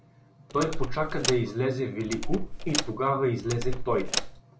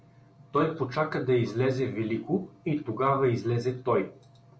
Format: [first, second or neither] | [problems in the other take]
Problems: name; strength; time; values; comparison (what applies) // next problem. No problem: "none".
second | background sound (Door); 1 dB below the speech